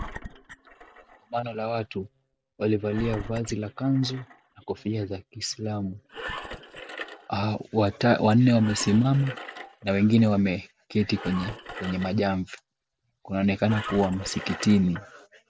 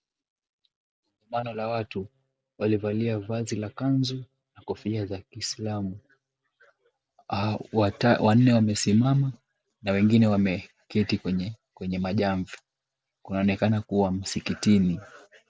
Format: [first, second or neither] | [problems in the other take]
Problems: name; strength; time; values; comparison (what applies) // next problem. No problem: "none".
second | background sound (Engine); 15 dB below the speech